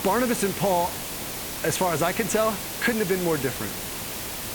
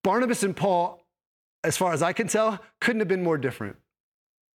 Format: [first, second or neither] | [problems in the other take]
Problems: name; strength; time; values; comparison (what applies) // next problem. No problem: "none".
second | hiss; loud; throughout; 5 dB below the speech